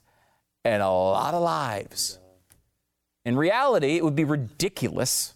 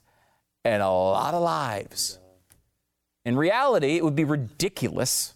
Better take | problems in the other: neither | none

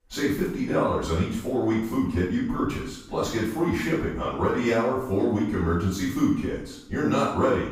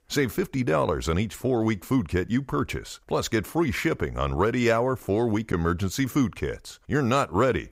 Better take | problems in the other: second | off-mic speech; far // room echo; noticeable; dies away in 0.6 s

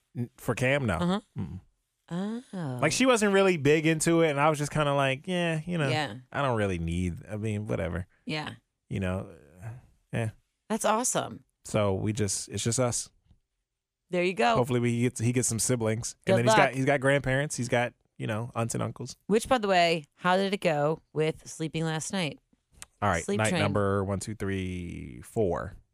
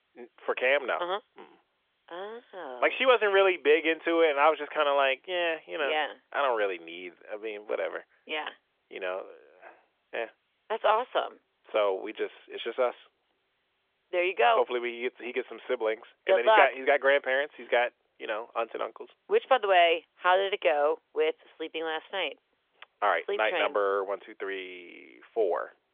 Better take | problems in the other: first | phone-call audio; nothing above 3.5 kHz

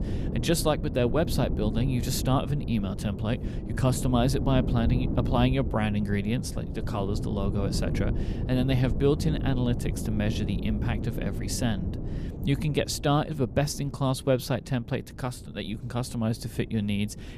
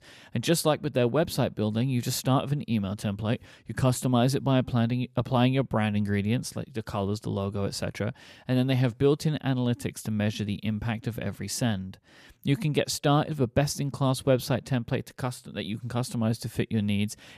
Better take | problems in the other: second | wind noise on the microphone; heavy; 10 dB below the speech

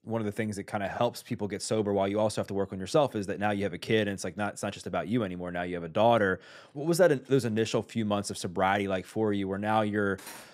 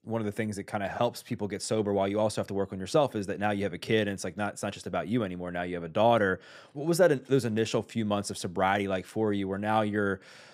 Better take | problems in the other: second | clattering dishes; very faint; at 10 s; peak 15 dB below the speech

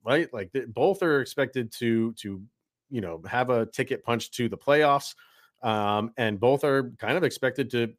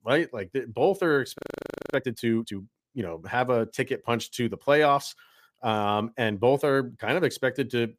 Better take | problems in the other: first | audio freezing; at 1.5 s for 0.5 s

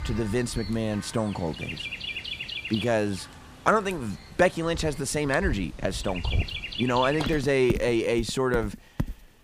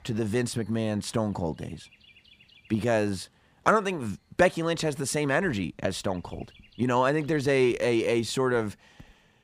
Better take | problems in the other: second | animal sounds; loud; throughout; 8 dB below the speech; faint in the second

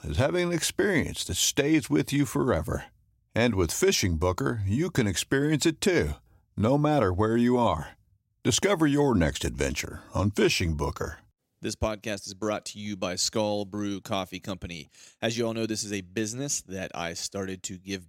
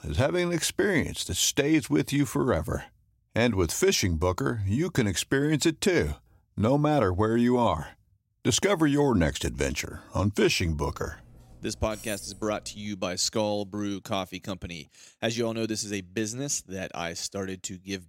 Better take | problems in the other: first | clattering dishes; faint; from 11 to 13 s; peak 15 dB below the speech

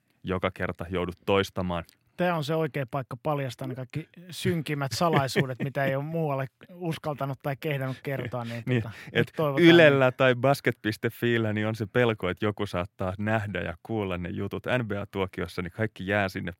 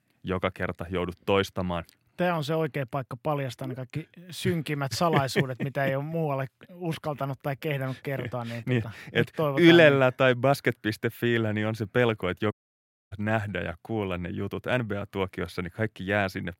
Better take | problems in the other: first | audio cutting out; at 13 s for 0.5 s

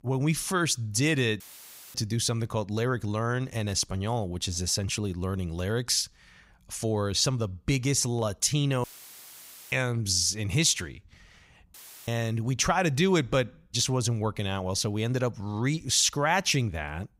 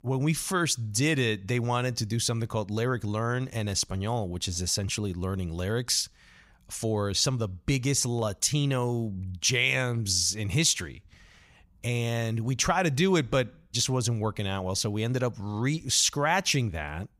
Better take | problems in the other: second | audio cutting out; filled with static; at 1.5 s for 0.5 s, at 9 s for 1 s and at 12 s

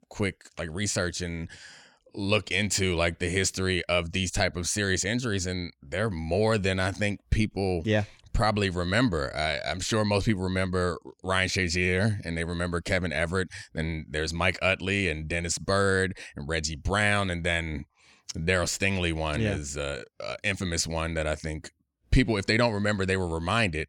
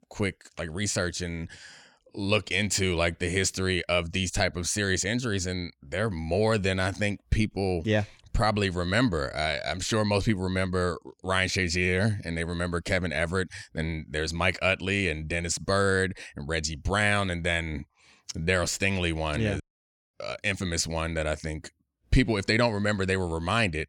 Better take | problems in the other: first | audio cutting out; at 20 s for 0.5 s

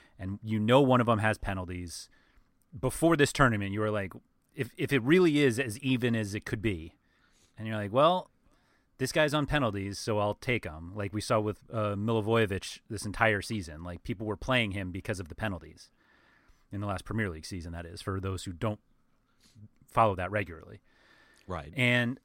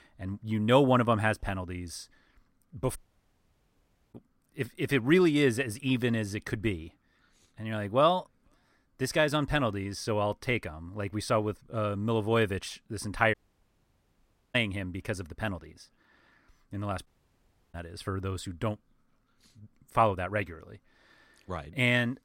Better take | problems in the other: first | audio cutting out; at 3 s for 1 s, at 13 s for 1 s and at 17 s for 0.5 s

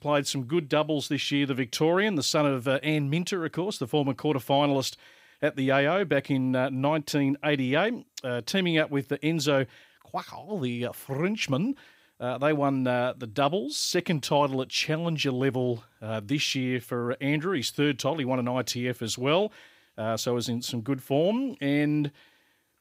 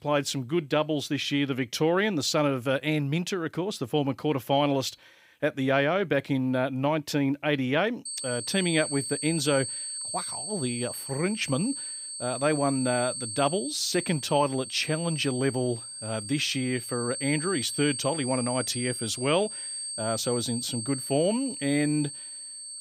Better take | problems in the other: first | high-pitched whine; loud; from 8 s on; 8.5 kHz, 6 dB below the speech

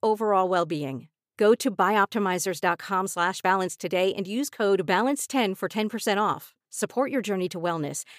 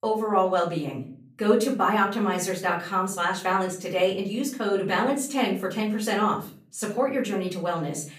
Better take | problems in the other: first | room echo; slight; dies away in 0.4 s // off-mic speech; far

